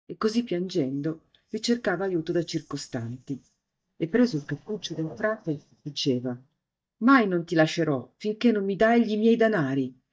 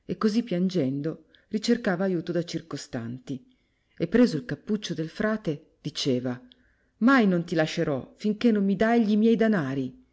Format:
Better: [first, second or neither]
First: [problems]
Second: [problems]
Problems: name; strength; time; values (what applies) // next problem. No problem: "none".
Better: second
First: noise reduction (neural mask model DeepFilterNet 3)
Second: none